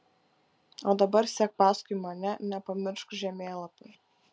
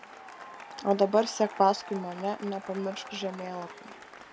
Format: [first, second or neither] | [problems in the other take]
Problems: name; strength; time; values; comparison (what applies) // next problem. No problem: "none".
first | background sound (Applause / Cheering); 15 dB below the speech